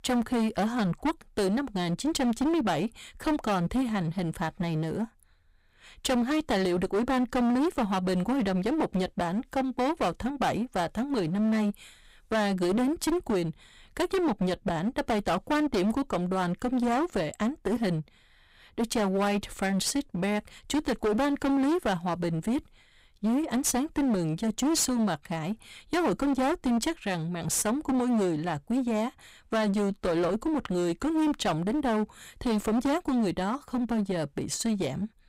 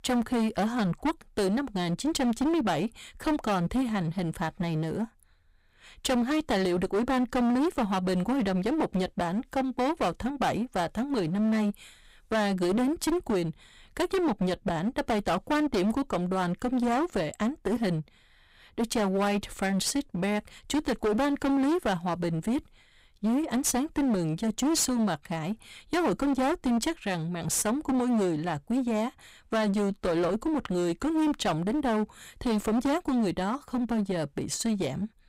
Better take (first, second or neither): neither